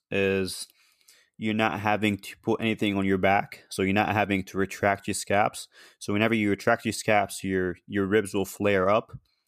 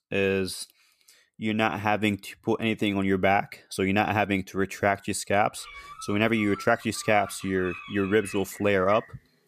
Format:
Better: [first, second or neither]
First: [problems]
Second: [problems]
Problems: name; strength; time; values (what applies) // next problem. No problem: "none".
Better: first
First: none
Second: animal sounds; noticeable; from 5.5 s on; 15 dB below the speech